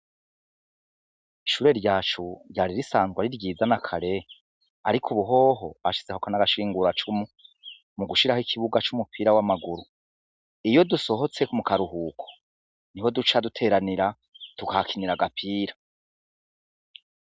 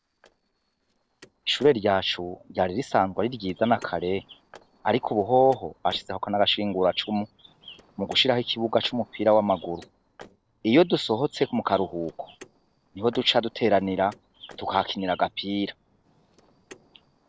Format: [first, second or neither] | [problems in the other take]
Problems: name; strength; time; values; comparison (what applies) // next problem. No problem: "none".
first | noise reduction (neural separator model SepFormer DNS4)